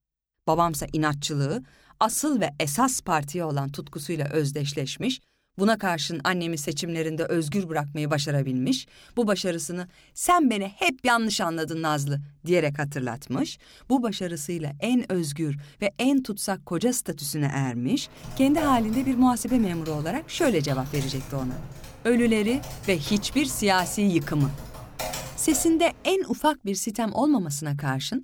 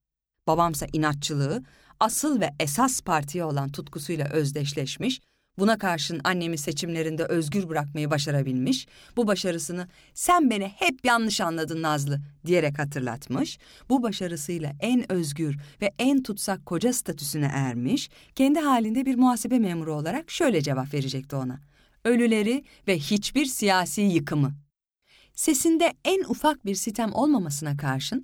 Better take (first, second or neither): second